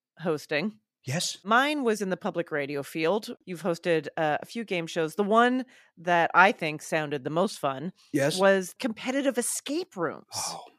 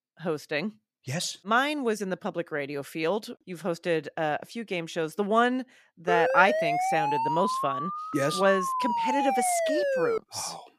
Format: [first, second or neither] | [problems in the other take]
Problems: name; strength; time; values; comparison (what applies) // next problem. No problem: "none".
first | siren; loud; from 6 to 10 s; peak 2 dB above the speech